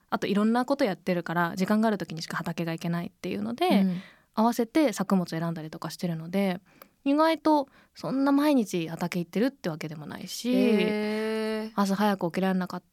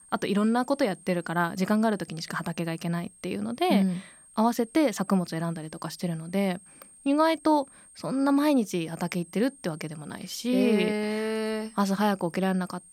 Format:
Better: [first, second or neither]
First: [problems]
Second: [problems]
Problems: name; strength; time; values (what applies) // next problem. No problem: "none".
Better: first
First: none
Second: high-pitched whine; faint; throughout; 8.5 kHz, 25 dB below the speech